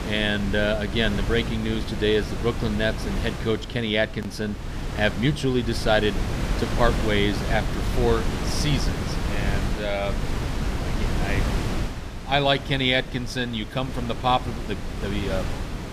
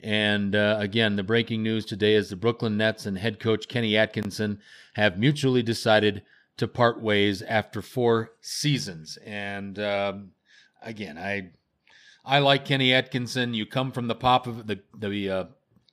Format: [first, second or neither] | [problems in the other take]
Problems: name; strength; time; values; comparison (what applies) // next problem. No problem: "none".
second | wind noise on the microphone; heavy; 8 dB below the speech